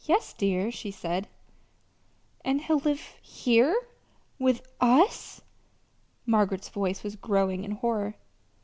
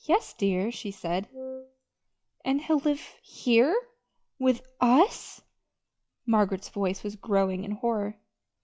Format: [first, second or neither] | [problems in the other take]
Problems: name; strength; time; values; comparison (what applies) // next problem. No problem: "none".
first | noise reduction (classical method log-MMSE)